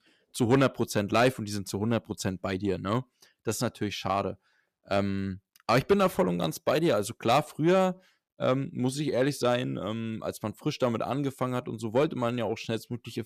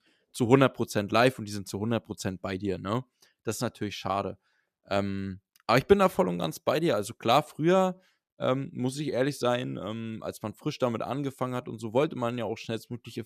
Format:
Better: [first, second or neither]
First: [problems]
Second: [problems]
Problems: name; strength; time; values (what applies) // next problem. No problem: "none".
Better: second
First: distortion; slight; 10 dB below the speech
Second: none